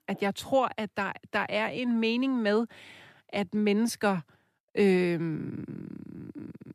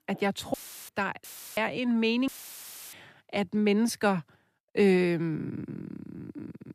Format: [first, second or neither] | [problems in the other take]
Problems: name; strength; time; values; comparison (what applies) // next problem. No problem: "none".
first | audio cutting out; filled with static; at 0.5 s, at 1 s and at 2.5 s for 0.5 s